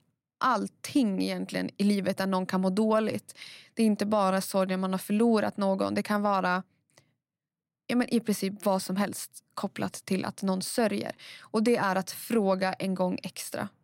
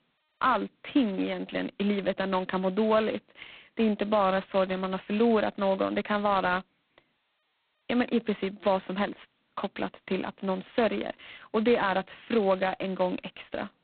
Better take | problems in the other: first | phone-call audio; poor line; nothing above 4 kHz

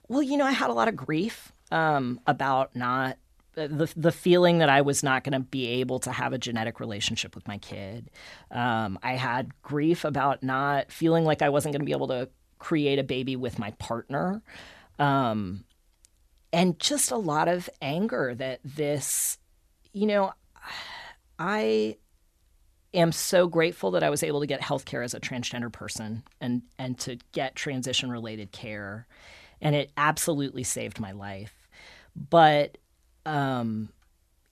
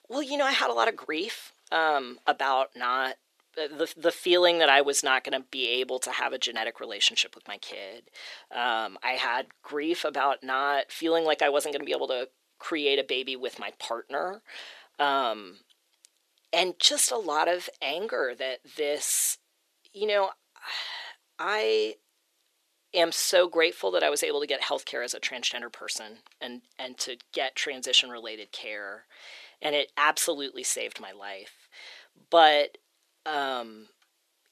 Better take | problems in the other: first | thin; very; fading below 400 Hz

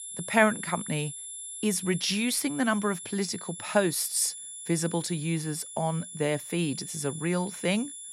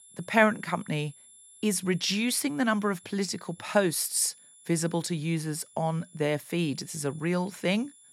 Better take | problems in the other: second | high-pitched whine; loud; throughout; 10.5 kHz, 9 dB below the speech; faint in the second

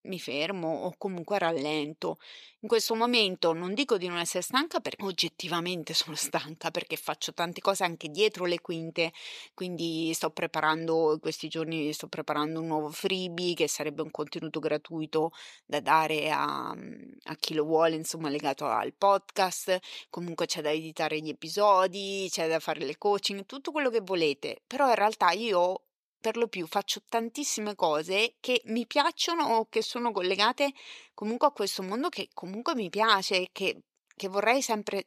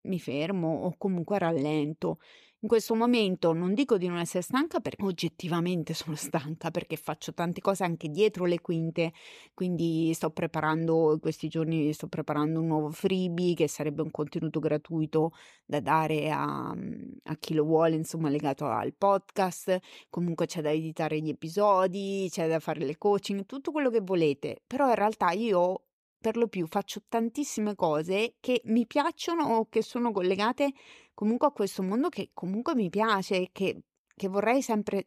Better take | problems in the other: second | thin; somewhat; fading below 700 Hz

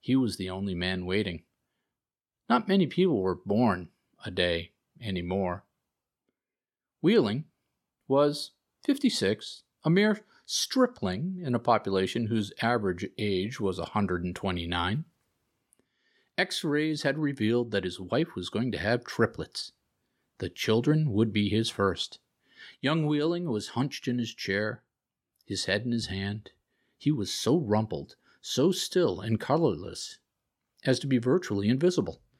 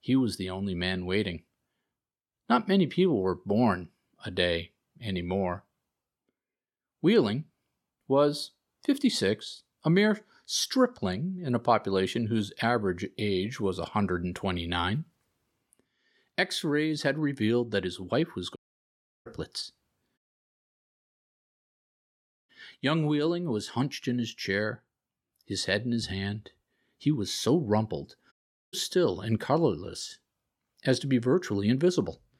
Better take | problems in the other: first | audio cutting out; at 19 s for 0.5 s, at 20 s for 2.5 s and at 28 s

